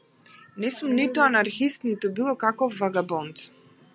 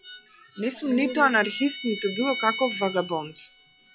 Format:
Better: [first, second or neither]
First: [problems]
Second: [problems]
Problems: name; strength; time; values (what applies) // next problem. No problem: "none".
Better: first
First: none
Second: noise reduction (classical method log-MMSE)